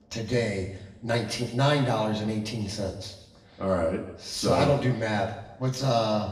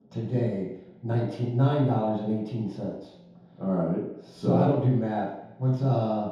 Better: first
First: room echo; slight; dies away in 1 s // off-mic speech; far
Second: room echo; strong; dies away in 0.8 s // off-mic speech; far

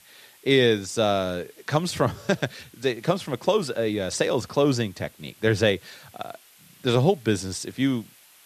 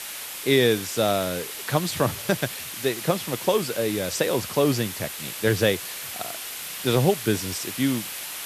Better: first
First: hiss; faint; throughout; 25 dB below the speech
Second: hiss; loud; throughout; 7 dB below the speech

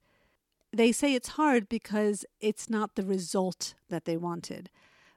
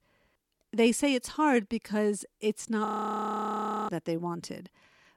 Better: first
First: none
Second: audio freezing; at 3 s for 1 s

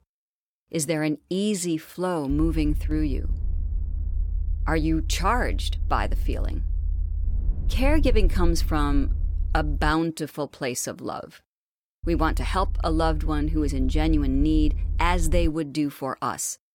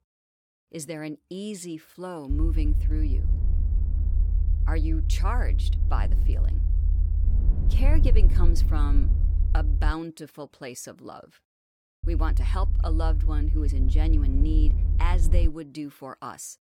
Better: first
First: low rumble; faint; from 2.5 to 10 s and from 12 to 15 s; 20 dB below the speech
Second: low rumble; loud; from 2.5 to 10 s and from 12 to 15 s; 8 dB below the speech

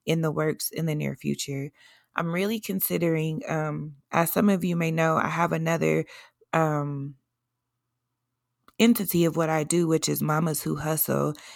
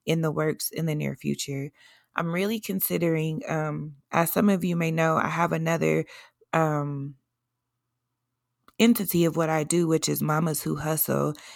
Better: neither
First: none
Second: none

